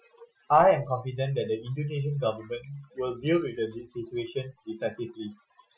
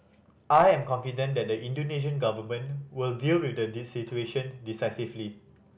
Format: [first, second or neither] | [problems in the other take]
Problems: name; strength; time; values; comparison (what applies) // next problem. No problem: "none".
second | noise reduction (classical method Wiener filter)